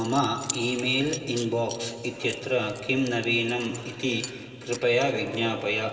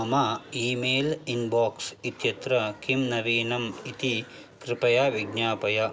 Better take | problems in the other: second | background sound (Coin (dropping) / Zipper (clothing)); 15 dB below the speech // room echo; dies away in 2.9 s

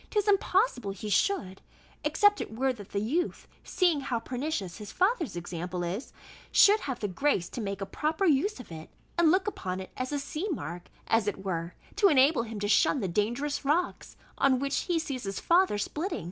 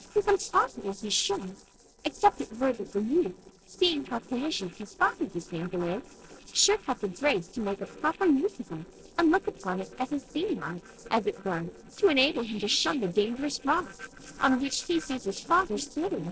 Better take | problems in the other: first | noise reduction (neural separator model SepFormer DNS4)

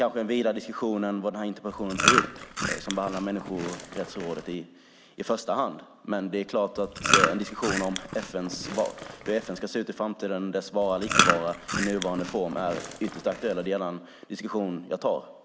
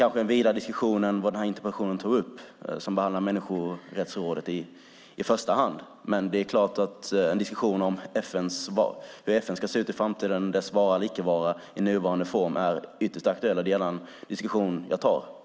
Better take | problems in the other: second | background sound (Chewing, mastication); as loud as the speech

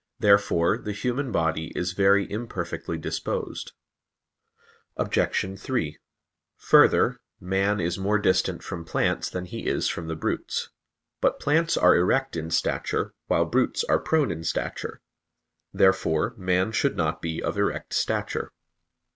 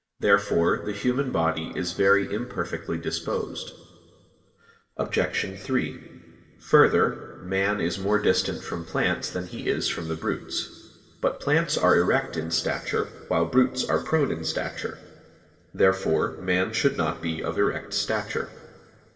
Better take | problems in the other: first | room echo; dies away in 2.1 s

